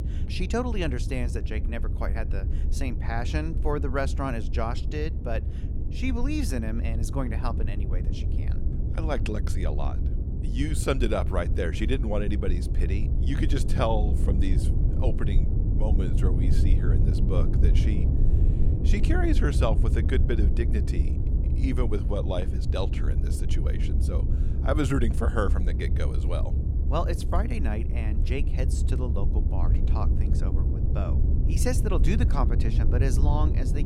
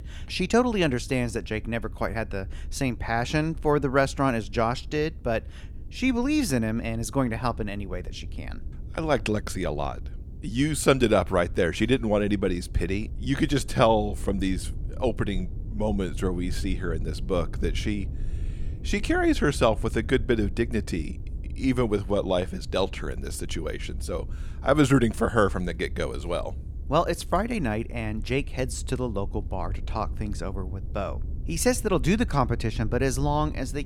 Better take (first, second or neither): second